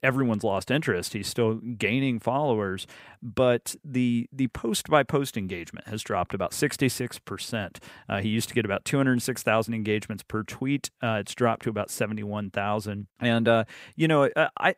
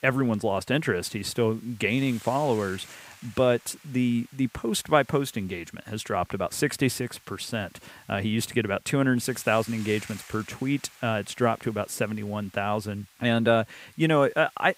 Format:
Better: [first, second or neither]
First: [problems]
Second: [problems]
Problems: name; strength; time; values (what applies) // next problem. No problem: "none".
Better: first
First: none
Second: hiss; faint; throughout; 25 dB below the speech